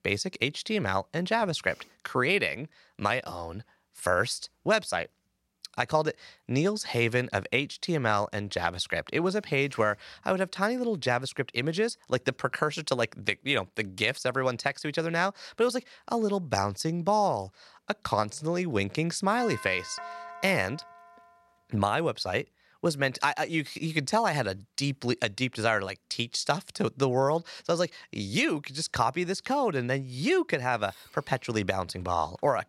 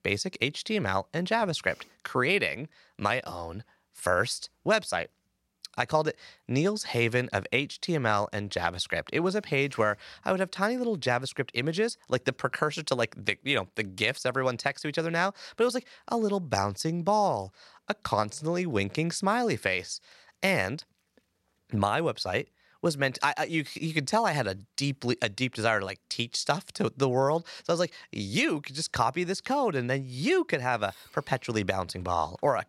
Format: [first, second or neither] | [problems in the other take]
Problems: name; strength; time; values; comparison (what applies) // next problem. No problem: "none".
second | doorbell; faint; from 19 to 21 s; peak 10 dB below the speech